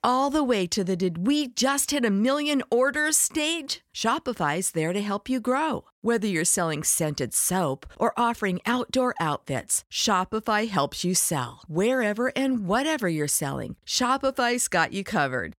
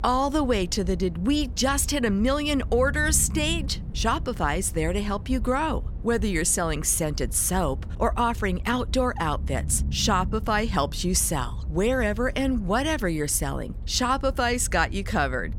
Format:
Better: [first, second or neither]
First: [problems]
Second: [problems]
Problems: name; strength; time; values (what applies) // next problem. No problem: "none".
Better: first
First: none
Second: low rumble; faint; throughout; 25 dB below the speech